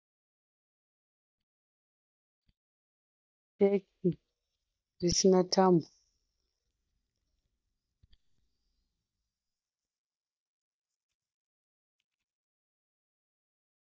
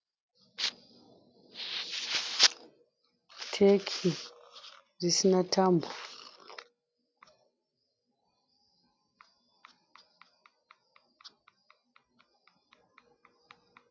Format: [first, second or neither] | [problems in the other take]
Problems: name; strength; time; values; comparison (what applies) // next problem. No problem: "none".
second | noise reduction (neural mask model DeepFilterNet 3)